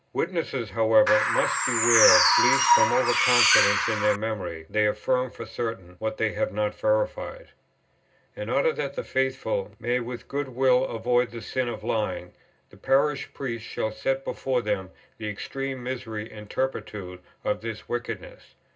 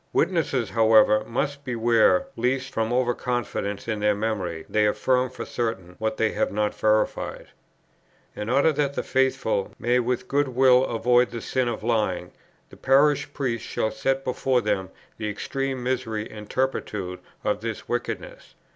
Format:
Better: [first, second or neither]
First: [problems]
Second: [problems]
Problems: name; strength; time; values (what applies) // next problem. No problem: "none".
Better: second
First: background sound (Bird); 5 dB above the speech // room echo; dies away in 0.2 s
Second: none